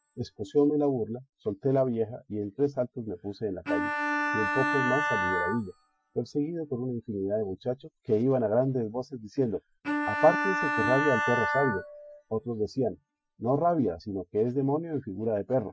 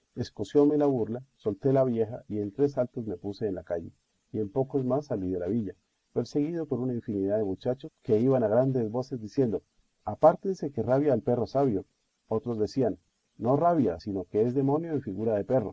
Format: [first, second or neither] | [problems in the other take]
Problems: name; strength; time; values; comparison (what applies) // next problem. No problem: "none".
second | noise reduction (classical method Wiener filter)